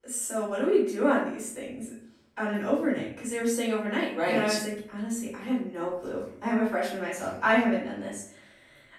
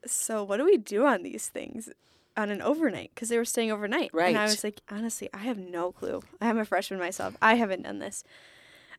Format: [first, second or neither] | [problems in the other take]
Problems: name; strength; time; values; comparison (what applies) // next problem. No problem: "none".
second | room echo; noticeable; dies away in 0.5 s // off-mic speech; far